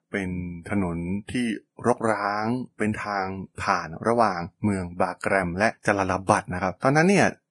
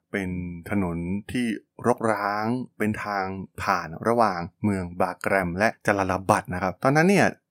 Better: second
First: garbled, watery; badly; nothing above 10 kHz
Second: none

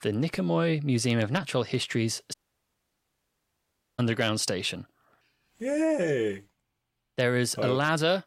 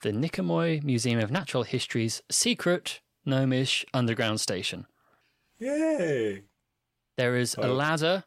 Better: second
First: audio cutting out; at 2.5 s for 1.5 s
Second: none

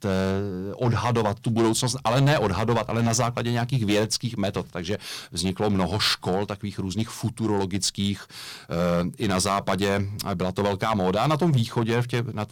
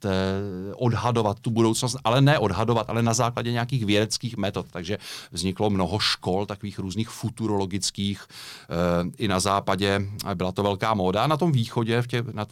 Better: second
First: distortion; slight; 5% of the sound clipped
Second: none

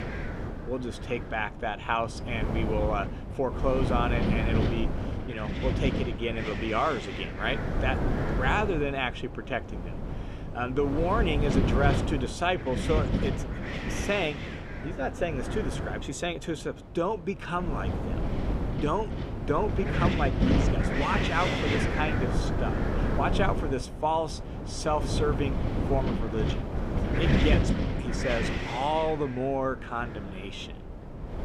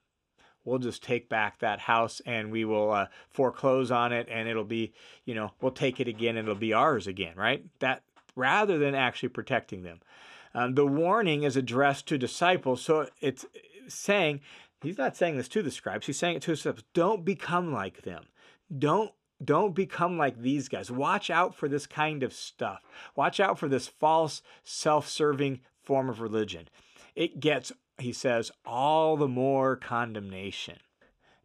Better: second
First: wind noise on the microphone; heavy; 4 dB below the speech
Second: none

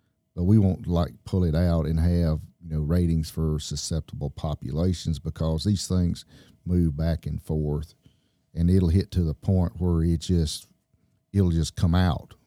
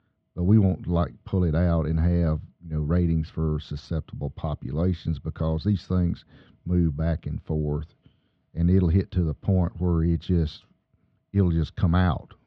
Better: first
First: none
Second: muffled; slightly; fading above 3.5 kHz

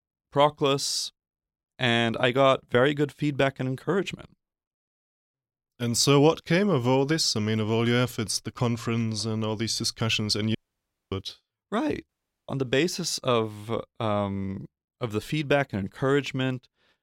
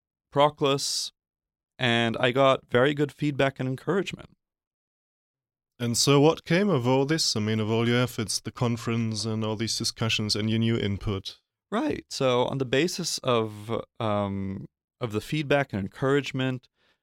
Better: second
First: audio cutting out; at 11 s for 0.5 s and at 12 s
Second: none

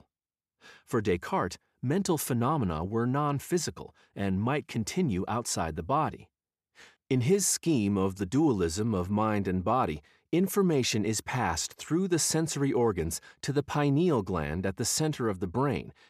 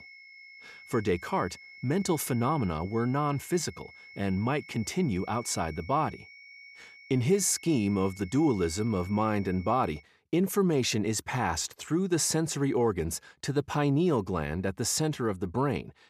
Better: first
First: none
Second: high-pitched whine; noticeable; until 10 s; 2 kHz, 20 dB below the speech

